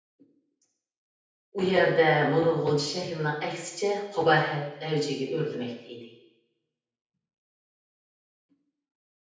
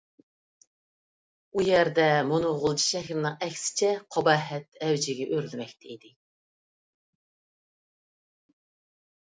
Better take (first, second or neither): second